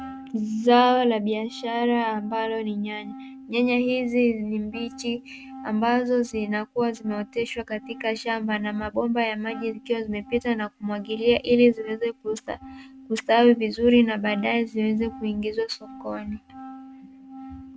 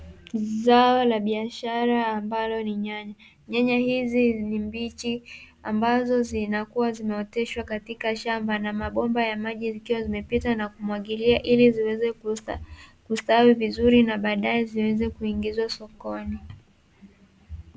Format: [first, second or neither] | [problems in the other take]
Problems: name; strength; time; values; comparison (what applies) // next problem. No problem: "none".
second | noise reduction (neural mask model RNNoise)